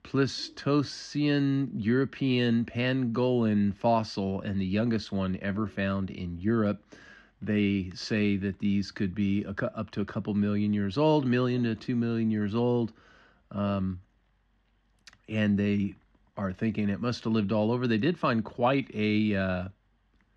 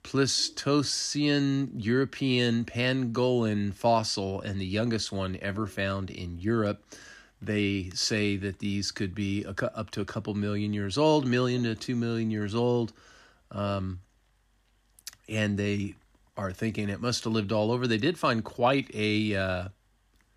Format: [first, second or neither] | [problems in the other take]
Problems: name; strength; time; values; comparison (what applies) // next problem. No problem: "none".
second | muffled; slightly; fading above 3 kHz